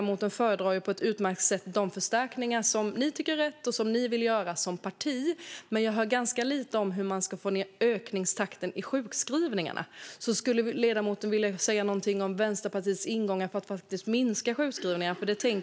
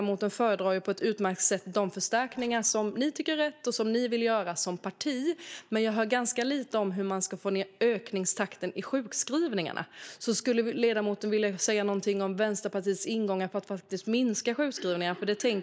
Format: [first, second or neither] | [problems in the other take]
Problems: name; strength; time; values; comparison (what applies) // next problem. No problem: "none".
first | noise reduction (neural mask model DeepFilterNet 3)